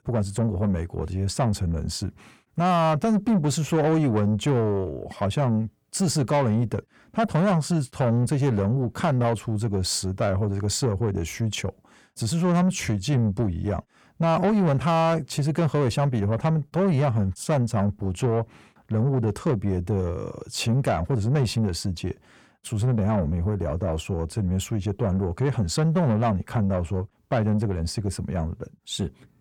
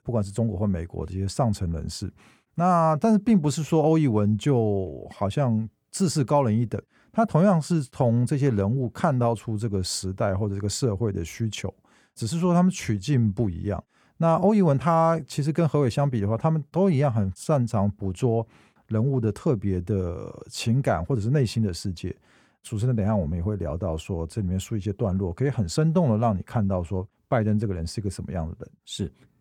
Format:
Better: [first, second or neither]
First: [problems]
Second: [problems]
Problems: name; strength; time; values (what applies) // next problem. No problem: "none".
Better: second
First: distortion; slight; 10 dB below the speech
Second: none